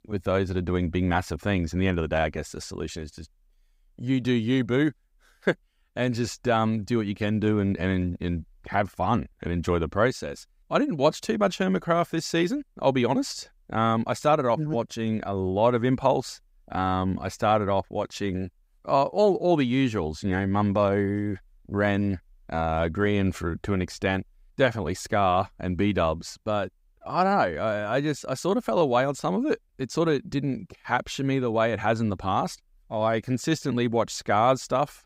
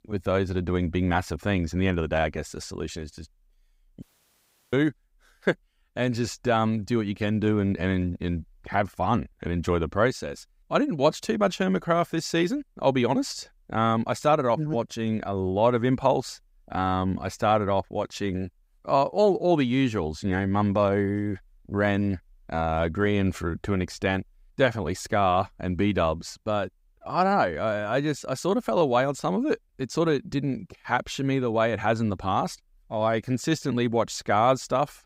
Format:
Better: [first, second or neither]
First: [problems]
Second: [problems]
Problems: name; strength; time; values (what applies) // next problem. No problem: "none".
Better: first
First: none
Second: audio cutting out; at 4 s for 0.5 s